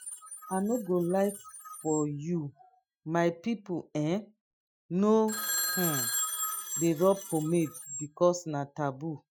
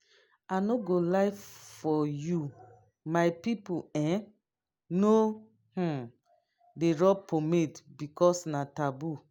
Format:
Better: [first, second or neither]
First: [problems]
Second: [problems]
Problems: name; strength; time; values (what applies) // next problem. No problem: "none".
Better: second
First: noise reduction (classical method Wiener filter)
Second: none